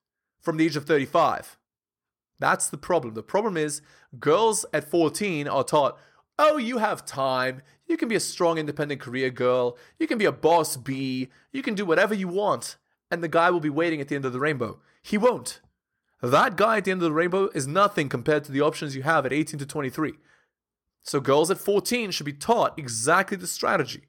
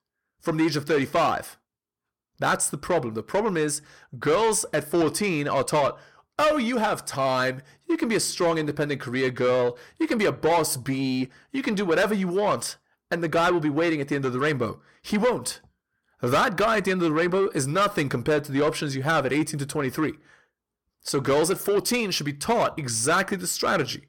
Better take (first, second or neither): first